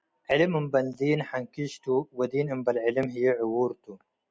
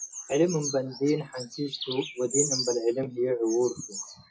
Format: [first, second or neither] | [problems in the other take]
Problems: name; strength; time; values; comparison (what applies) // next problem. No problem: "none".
first | noise reduction (classical method WPE with log-MMSE)